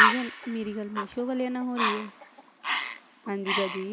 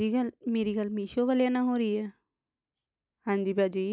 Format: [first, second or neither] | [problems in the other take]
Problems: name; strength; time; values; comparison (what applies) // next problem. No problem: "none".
second | background sound (Bird); 3 dB above the speech